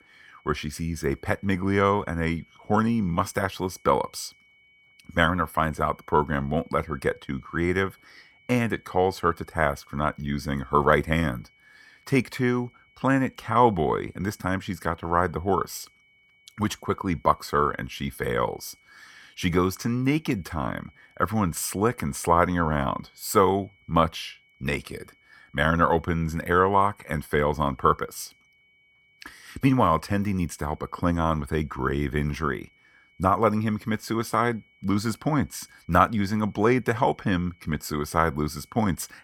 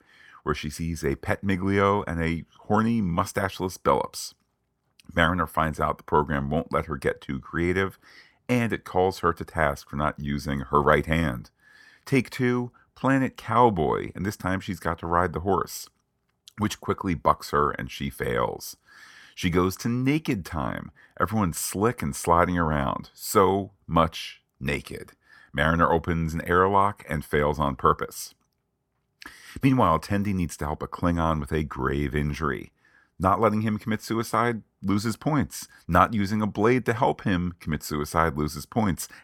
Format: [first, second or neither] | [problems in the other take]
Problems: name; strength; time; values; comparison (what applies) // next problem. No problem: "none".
second | high-pitched whine; faint; throughout; 2 kHz, 35 dB below the speech